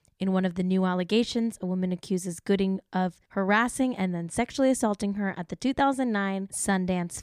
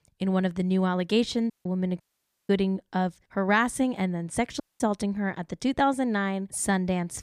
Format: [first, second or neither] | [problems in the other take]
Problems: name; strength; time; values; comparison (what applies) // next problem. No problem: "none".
first | audio cutting out; at 1.5 s, at 2 s and at 4.5 s